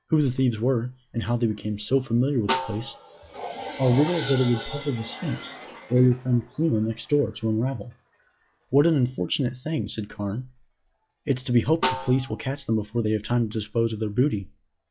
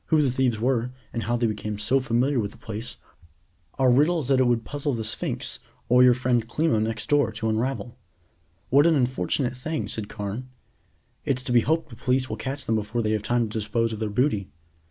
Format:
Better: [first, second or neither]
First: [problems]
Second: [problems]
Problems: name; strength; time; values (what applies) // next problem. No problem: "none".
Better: second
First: noise reduction (classical method log-MMSE)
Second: none